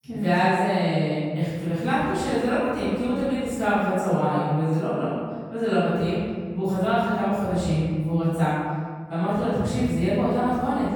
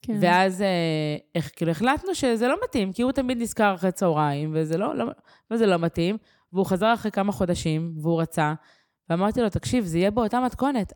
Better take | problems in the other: second | off-mic speech; far // room echo; strong; dies away in 1.7 s

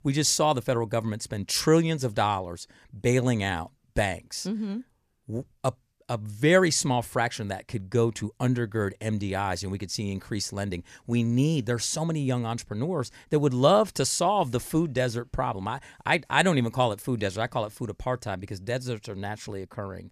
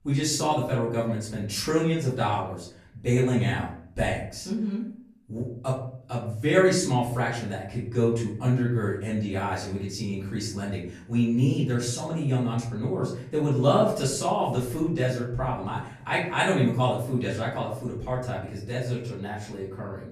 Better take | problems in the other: first | off-mic speech; far // room echo; noticeable; dies away in 0.6 s

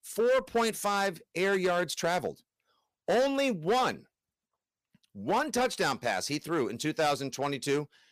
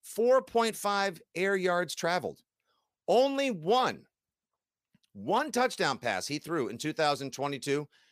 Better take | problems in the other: second | distortion; slight; 7% of the sound clipped

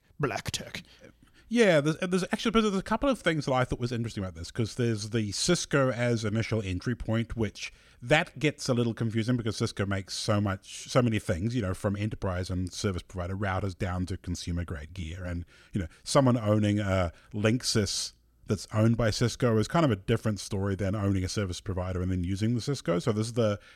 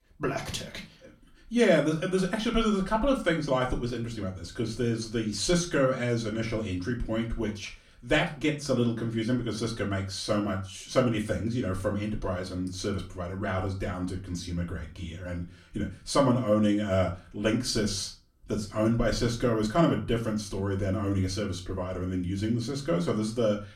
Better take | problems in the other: first | off-mic speech; far // room echo; very slight; dies away in 0.3 s

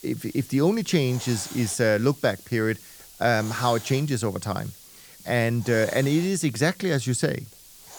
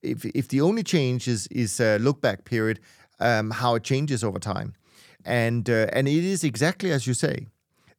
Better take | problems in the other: second | hiss; noticeable; throughout; 15 dB below the speech

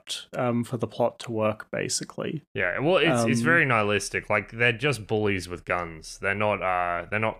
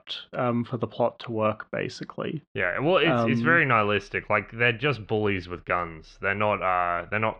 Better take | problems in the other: first | muffled; slightly; fading above 3.5 kHz

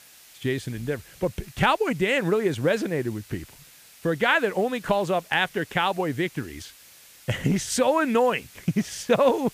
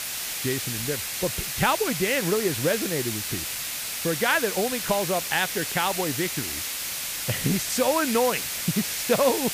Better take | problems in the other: first | hiss; loud; throughout; 2 dB below the speech; faint in the first

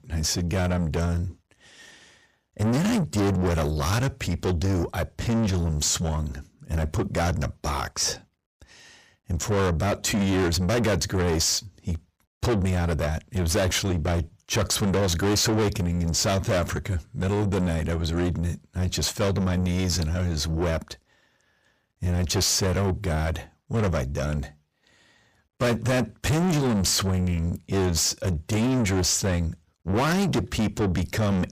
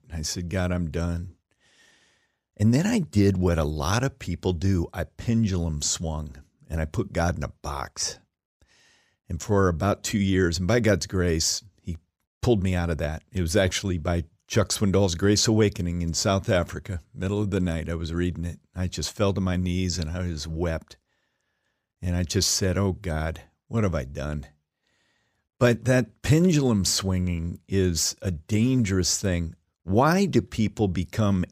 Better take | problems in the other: second | distortion; heavy; 6 dB below the speech

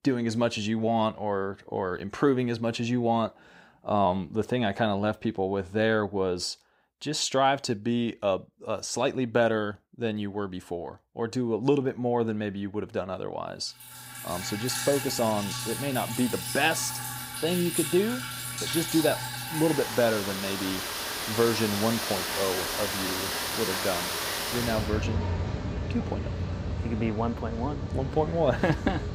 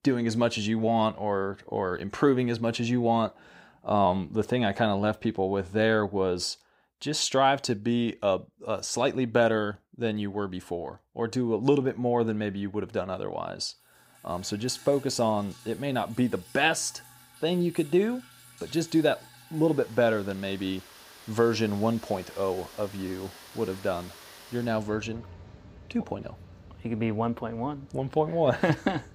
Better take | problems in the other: second | rain or running water; loud; from 14 s on; 3 dB below the speech; faint in the second

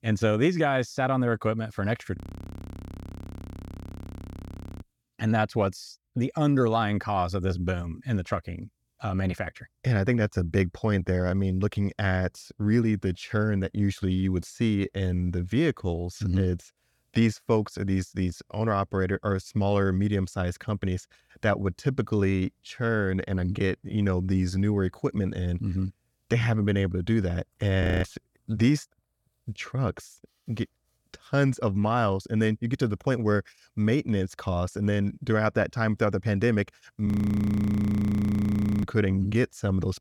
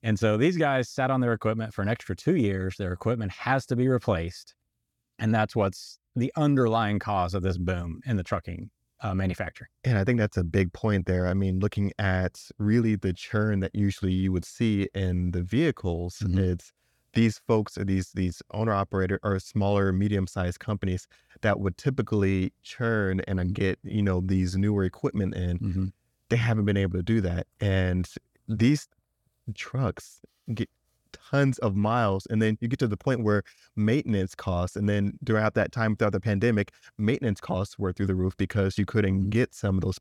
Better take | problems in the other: second | audio freezing; at 2 s for 2.5 s, at 28 s and at 37 s for 2 s

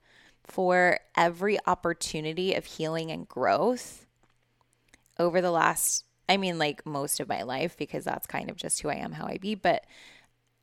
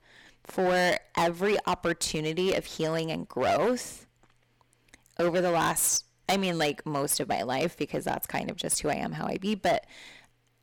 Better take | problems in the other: first | distortion; heavy; 9% of the sound clipped

